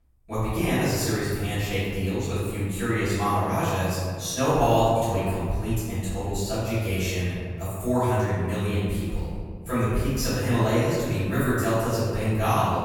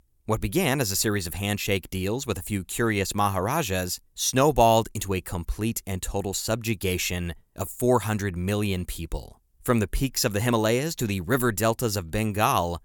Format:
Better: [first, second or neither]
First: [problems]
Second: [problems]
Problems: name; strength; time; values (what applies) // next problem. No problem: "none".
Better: second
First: off-mic speech; far // room echo; strong; dies away in 2 s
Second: none